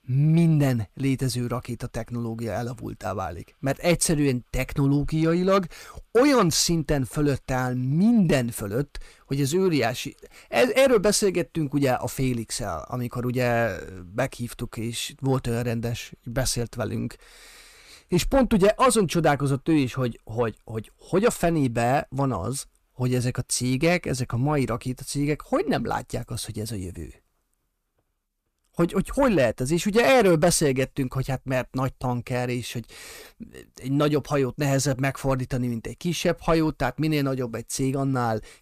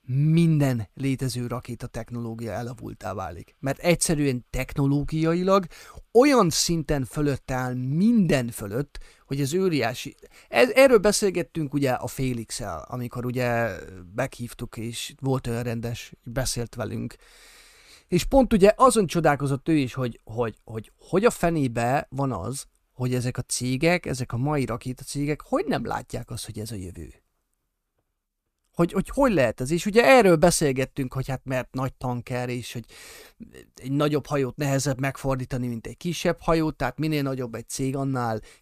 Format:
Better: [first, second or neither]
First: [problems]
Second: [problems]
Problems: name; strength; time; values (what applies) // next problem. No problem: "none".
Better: second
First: distortion; slight; 10 dB below the speech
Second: none